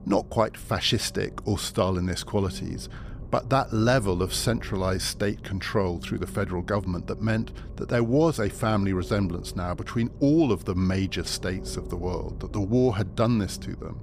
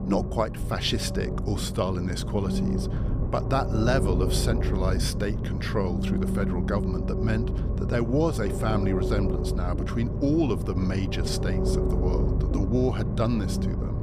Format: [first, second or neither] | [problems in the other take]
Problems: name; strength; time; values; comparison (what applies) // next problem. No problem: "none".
first | low rumble; loud; throughout; 5 dB below the speech; faint in the first